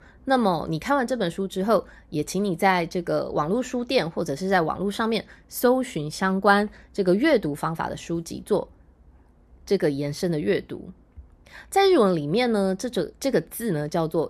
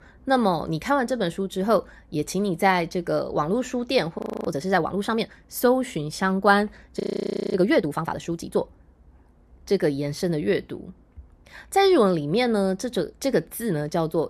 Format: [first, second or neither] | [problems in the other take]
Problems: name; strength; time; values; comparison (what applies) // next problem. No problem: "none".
first | audio freezing; at 4 s and at 7 s for 0.5 s